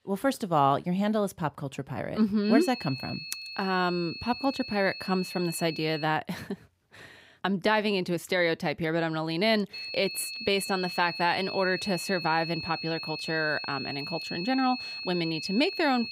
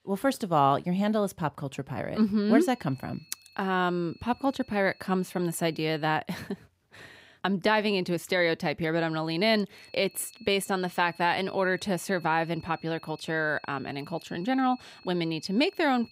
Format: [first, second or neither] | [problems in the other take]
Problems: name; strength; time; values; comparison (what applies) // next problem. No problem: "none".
second | high-pitched whine; loud; from 2.5 to 6 s and from 9.5 s on; 4.5 kHz, 7 dB below the speech; faint in the second